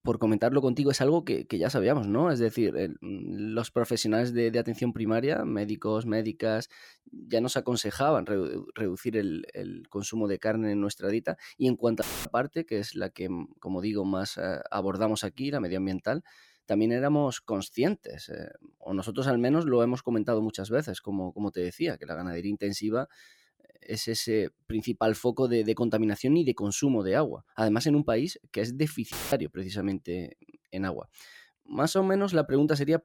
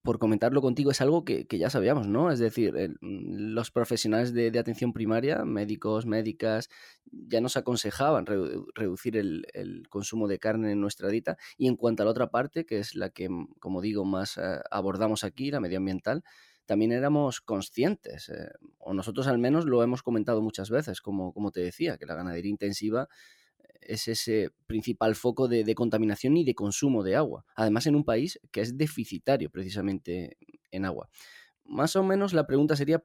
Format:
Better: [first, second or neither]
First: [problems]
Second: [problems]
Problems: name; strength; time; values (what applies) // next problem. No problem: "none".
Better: second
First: audio cutting out; filled with static; at 12 s and at 29 s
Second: none